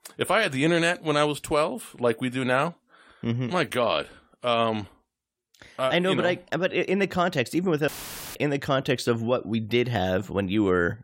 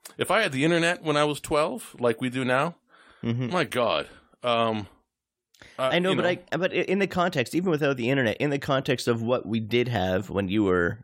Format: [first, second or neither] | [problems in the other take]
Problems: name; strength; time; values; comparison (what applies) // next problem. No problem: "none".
second | audio cutting out; filled with static; at 8 s